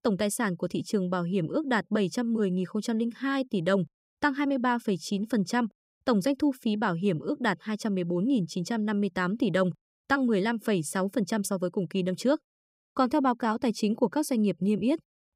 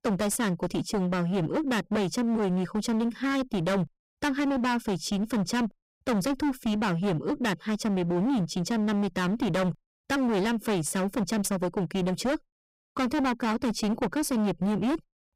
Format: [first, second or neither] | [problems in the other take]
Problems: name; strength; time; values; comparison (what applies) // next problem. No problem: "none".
first | distortion; heavy; 26% of the sound clipped